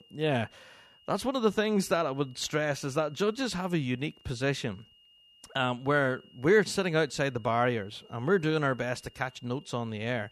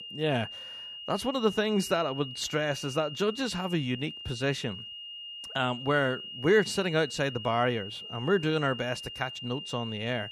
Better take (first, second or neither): first